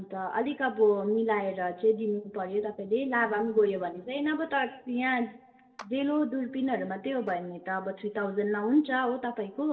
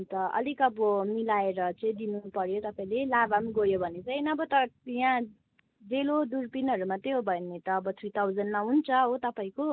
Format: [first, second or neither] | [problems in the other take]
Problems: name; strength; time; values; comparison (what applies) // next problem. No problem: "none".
second | noise reduction (neural separator model SepFormer DNS4)